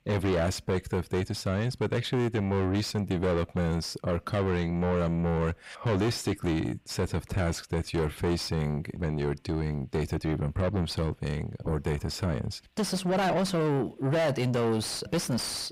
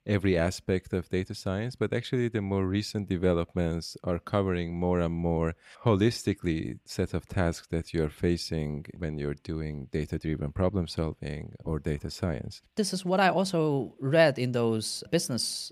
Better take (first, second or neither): second